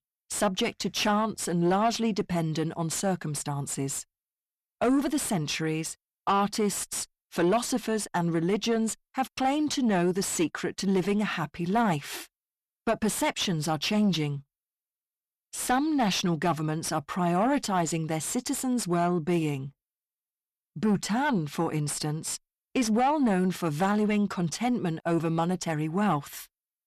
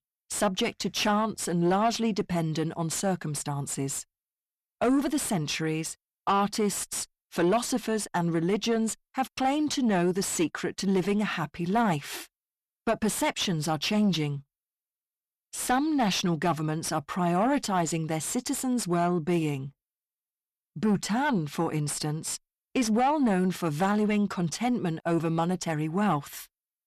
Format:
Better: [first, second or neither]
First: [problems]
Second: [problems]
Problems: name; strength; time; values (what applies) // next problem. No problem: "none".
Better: neither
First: distortion; slight; 10 dB below the speech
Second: distortion; slight; 10 dB below the speech